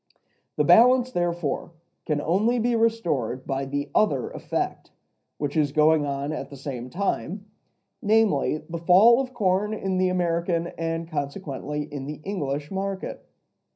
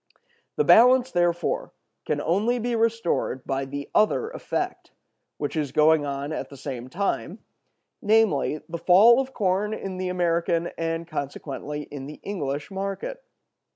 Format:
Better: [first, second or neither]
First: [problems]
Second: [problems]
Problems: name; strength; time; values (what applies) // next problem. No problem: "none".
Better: second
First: room echo; dies away in 0.4 s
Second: none